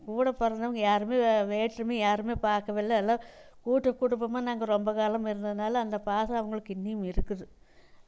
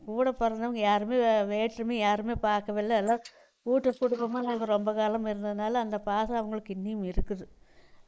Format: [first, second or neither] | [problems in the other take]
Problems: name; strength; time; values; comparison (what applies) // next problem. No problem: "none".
first | noise reduction (neural mask model Resemble Enhance denoiser)